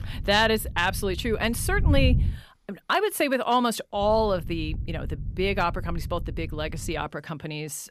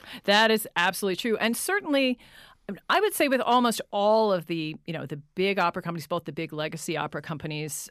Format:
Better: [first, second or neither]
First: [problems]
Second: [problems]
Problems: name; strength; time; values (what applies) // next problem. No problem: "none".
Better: second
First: wind noise on the microphone; occasional gusts; until 2.5 s and from 4 to 7 s; 20 dB below the speech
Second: none